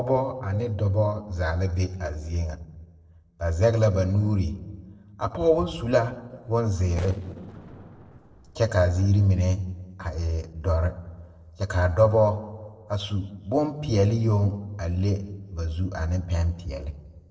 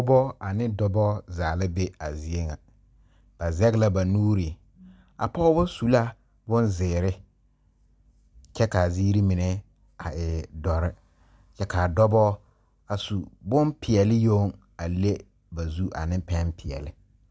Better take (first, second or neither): second